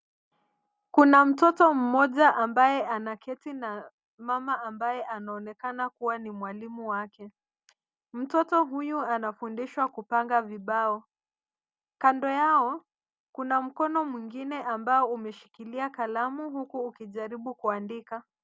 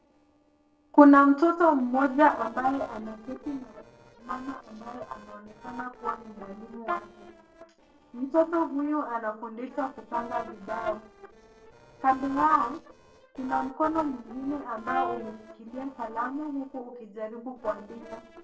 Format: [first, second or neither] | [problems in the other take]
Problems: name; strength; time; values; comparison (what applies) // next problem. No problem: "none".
first | noise reduction (neural separator model SepFormer DNS4)